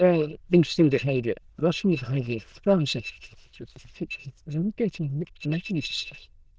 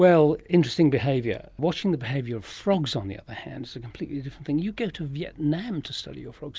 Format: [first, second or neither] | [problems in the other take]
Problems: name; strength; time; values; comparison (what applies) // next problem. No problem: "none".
second | noise reduction (neural diffusion model UNIVERSE++)